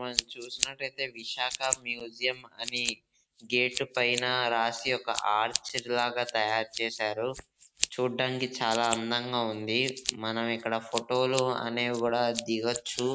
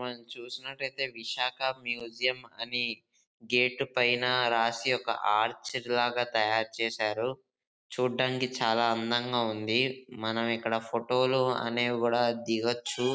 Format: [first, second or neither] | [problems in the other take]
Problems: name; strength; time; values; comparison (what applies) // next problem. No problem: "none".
second | noise reduction (neural mask model Resemble Enhance denoiser)